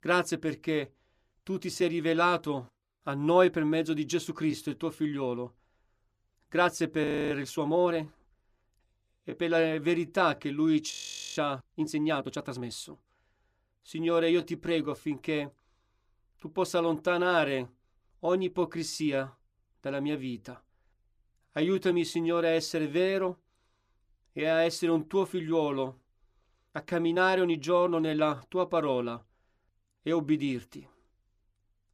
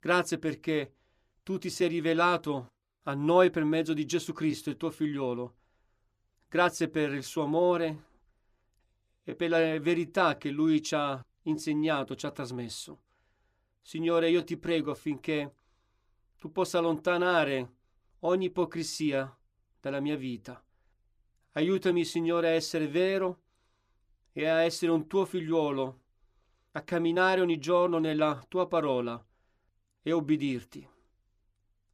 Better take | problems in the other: second | audio freezing; at 7 s and at 11 s

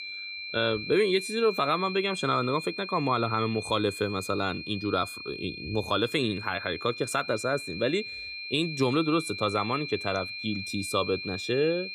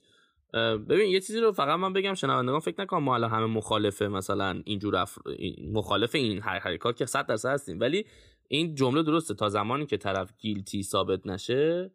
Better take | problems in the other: second | high-pitched whine; loud; throughout; 2.5 kHz, 8 dB below the speech

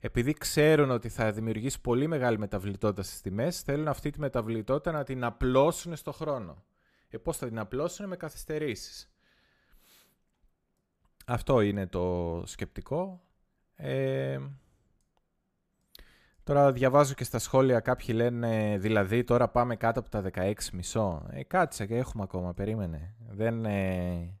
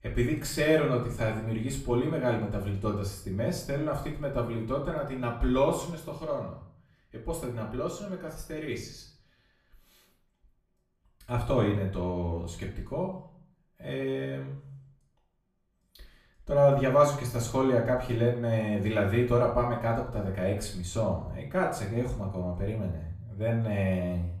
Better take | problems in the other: first | room echo; slight; dies away in 0.5 s // off-mic speech; far

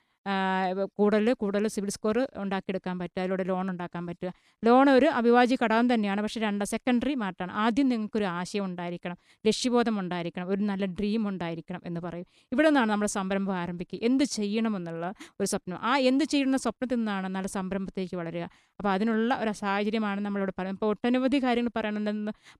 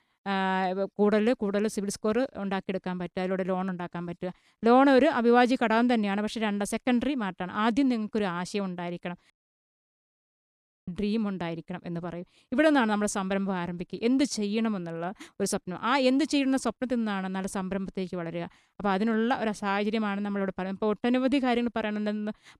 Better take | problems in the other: first | audio cutting out; at 9.5 s for 1.5 s

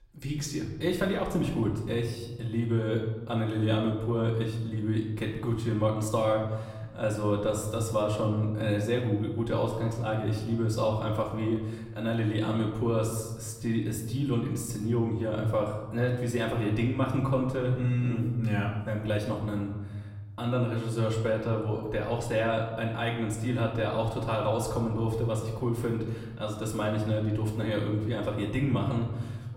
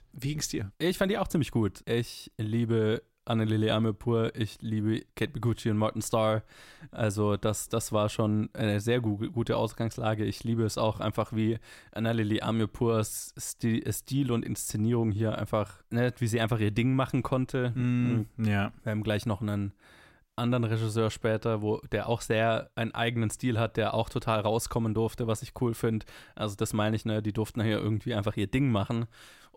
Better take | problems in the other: second | off-mic speech; far // room echo; slight; dies away in 1.3 s

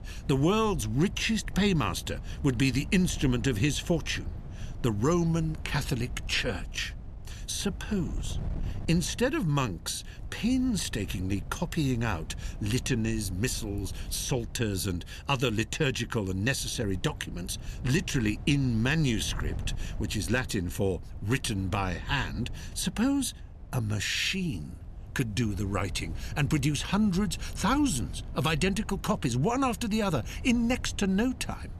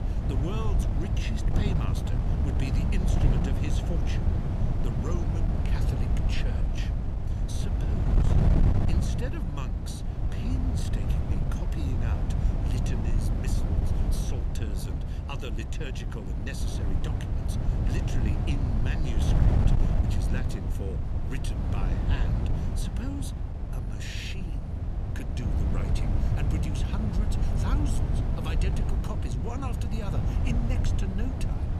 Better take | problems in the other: first | wind noise on the microphone; heavy; 2 dB above the speech; occasional gusts in the first

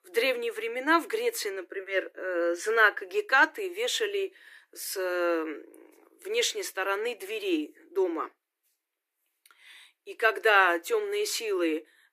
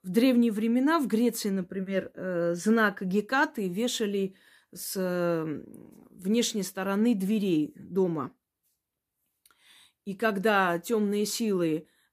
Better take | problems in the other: second | thin; very; fading below 300 Hz

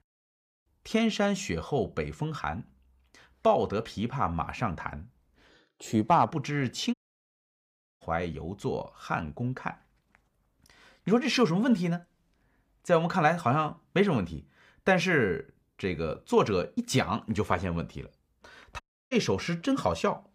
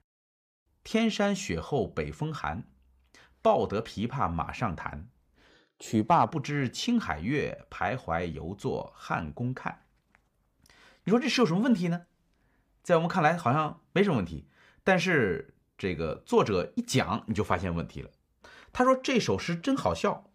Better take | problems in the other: second | audio cutting out; at 7 s for 1 s and at 19 s

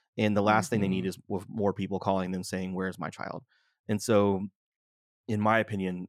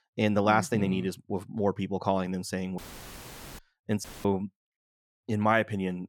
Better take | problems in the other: first | audio cutting out; filled with static; at 3 s for 1 s and at 4 s

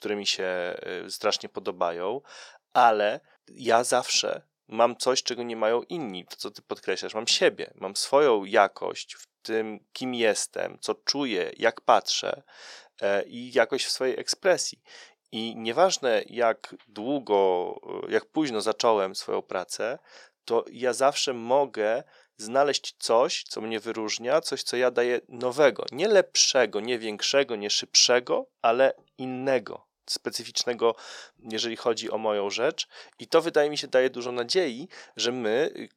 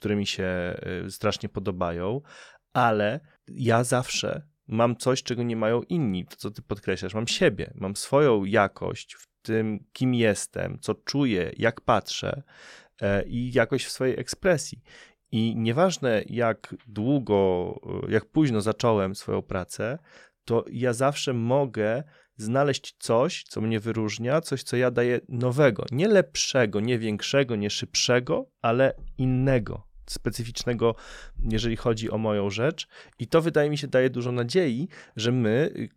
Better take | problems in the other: second | thin; somewhat; fading below 400 Hz

